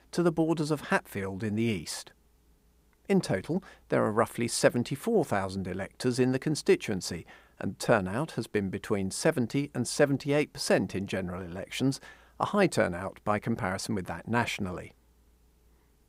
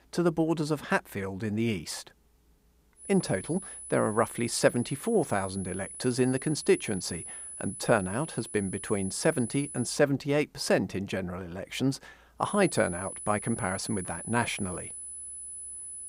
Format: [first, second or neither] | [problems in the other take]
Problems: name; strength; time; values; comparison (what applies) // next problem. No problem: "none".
first | high-pitched whine; loud; from 3 to 10 s and from 12 s on; 10 kHz, 10 dB below the speech